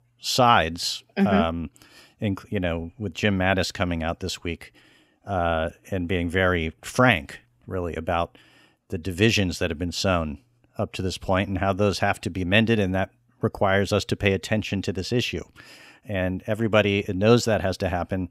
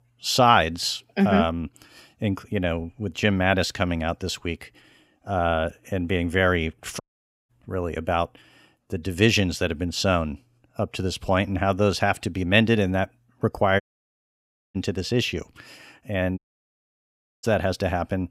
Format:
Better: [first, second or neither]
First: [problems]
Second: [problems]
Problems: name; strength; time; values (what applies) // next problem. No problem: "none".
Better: first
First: none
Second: audio cutting out; at 7 s, at 14 s for 1 s and at 16 s for 1 s